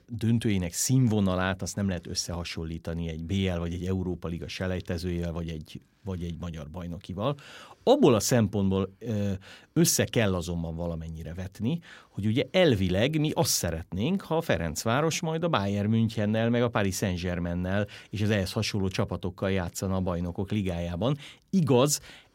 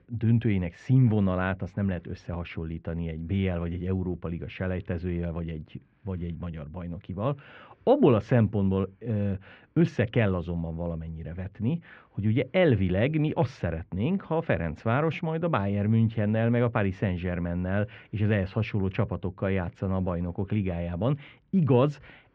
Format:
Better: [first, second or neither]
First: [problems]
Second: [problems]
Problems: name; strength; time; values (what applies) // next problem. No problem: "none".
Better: first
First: none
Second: muffled; very; fading above 2.5 kHz